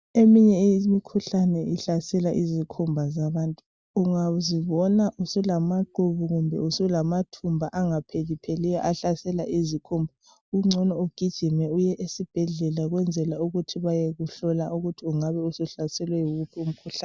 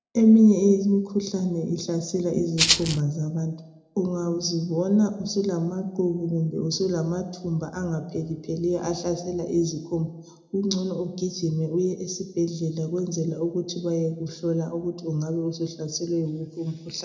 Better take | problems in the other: first | background sound (Rattle (instrument)); 2 dB above the speech // room echo; dies away in 0.6 s

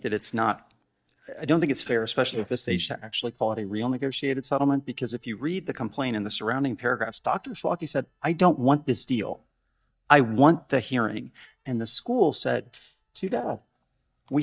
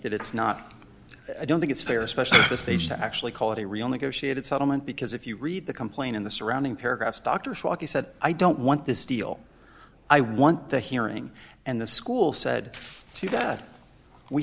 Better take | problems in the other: second | noise reduction (neural mask model DeepFilterNet 3)

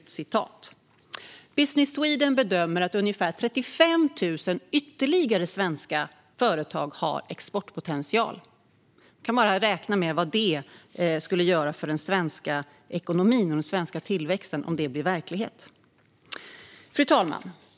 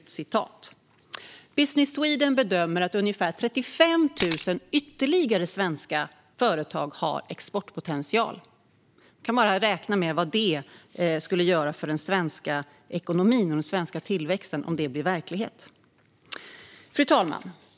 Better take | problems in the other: first | background sound (Camera); 13 dB below the speech

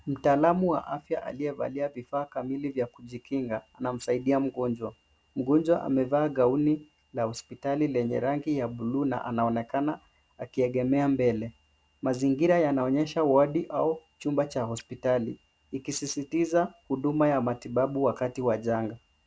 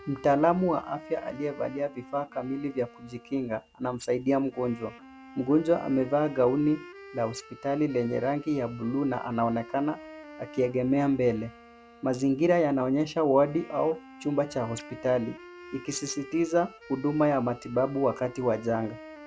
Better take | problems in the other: first | background sound (Wind instrument, woodwind instrument); 19 dB below the speech

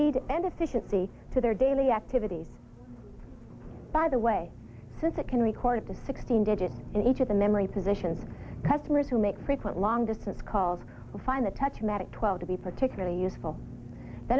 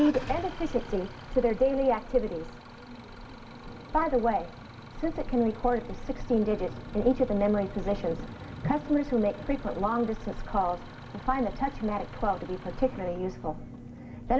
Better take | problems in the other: first | background sound (Idling / Engine starting); 18 dB below the speech // room echo; dies away in 0.6 s

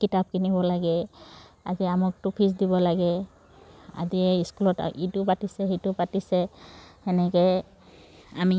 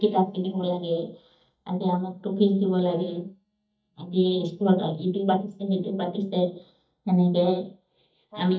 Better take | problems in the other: first | noise reduction (neural mask model DeepFilterNet 3)

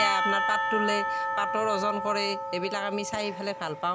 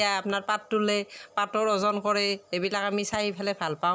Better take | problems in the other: second | background sound (Church bell / Percussion); as loud as the speech

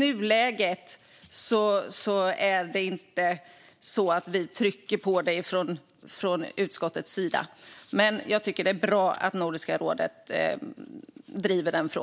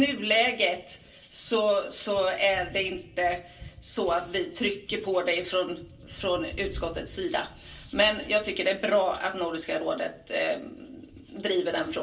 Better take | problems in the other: first | background sound (Thunder); 20 dB below the speech // room echo; dies away in 0.3 s

